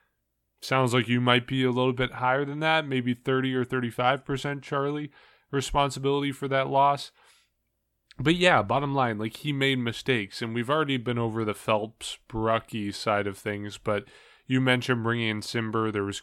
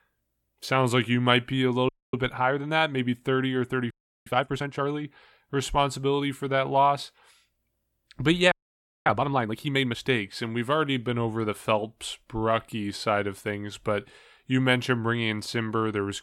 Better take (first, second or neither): first